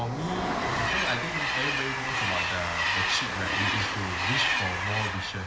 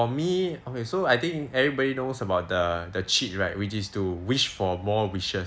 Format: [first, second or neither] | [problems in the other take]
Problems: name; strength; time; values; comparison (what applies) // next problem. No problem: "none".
second | background sound (Train); 5 dB above the speech // room echo; dies away in 0.8 s